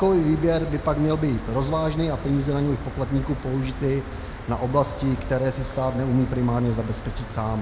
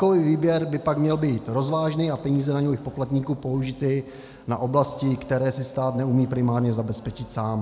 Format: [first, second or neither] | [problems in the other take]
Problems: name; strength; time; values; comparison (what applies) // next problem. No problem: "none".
second | background sound (Cricket); 10 dB below the speech